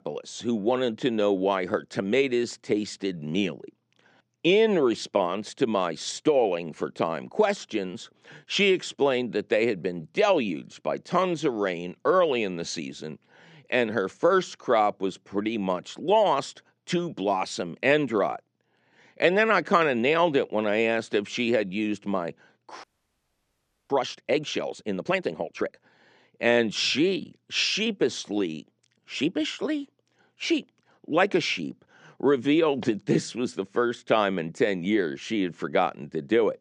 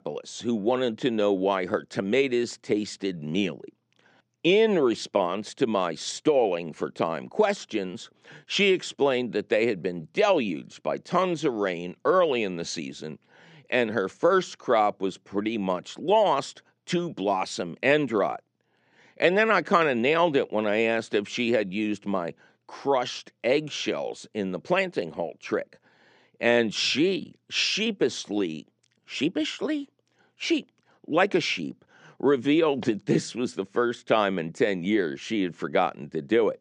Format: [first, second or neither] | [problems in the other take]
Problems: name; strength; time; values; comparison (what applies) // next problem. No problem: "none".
second | audio freezing; at 23 s for 1 s